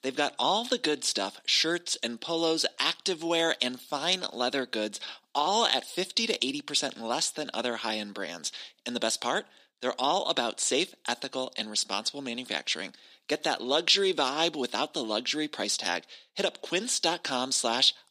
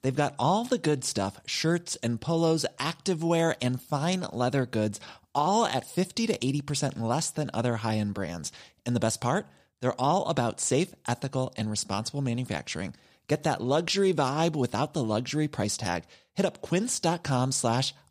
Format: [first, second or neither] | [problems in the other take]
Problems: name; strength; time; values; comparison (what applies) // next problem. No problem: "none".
second | thin; somewhat; fading below 250 Hz